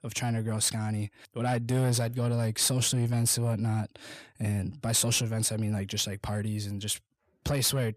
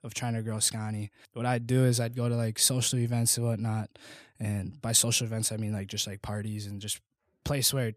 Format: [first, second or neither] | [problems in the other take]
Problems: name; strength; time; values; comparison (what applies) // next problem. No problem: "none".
second | distortion; slight; 10 dB below the speech